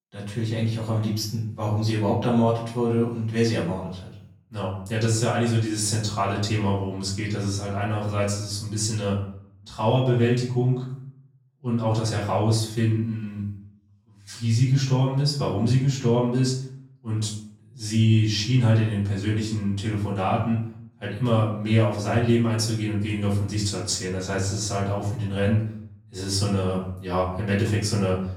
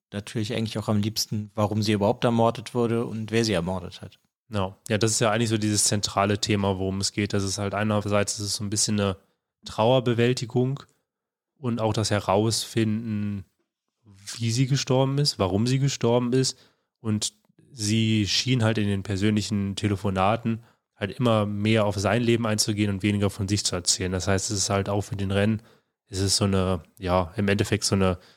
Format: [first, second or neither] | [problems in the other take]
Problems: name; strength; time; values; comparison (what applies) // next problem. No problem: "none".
second | off-mic speech; far // room echo; noticeable; dies away in 0.6 s